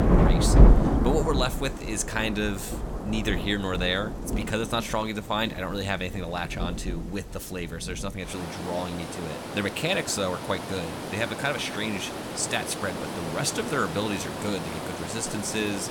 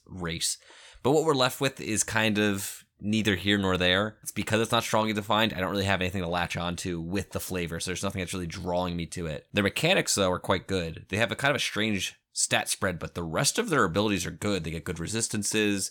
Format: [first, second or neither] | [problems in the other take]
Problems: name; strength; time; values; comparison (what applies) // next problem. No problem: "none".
second | rain or running water; very loud; throughout; as loud as the speech